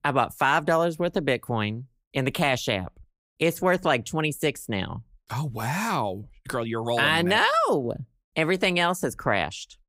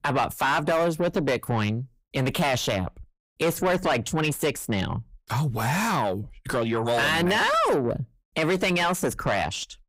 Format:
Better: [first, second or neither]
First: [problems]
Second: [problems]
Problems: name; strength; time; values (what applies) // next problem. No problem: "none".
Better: first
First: none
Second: distortion; heavy; 7 dB below the speech